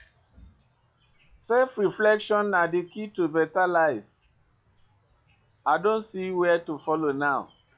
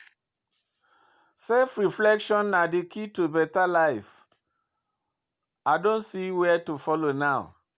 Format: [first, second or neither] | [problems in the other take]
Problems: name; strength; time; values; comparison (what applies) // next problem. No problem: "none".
second | noise reduction (classical method log-MMSE)